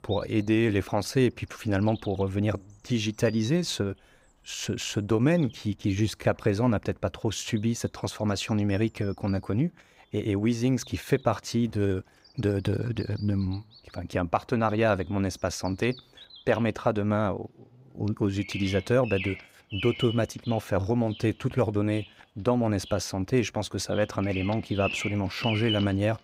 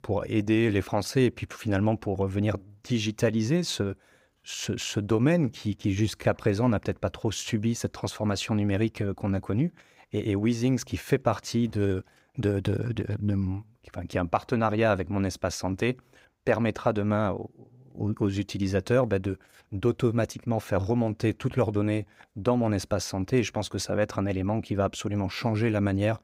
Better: second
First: animal sounds; noticeable; throughout; 10 dB below the speech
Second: none

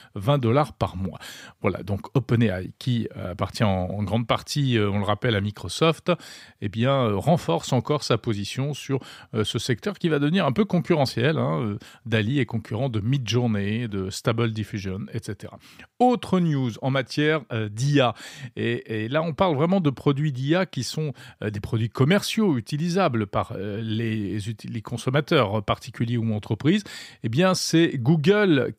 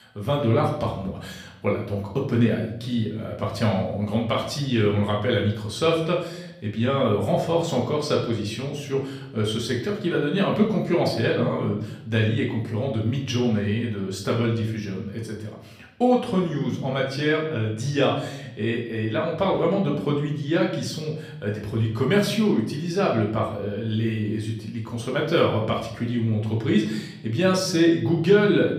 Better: first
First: none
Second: room echo; slight; dies away in 0.6 s // off-mic speech; far

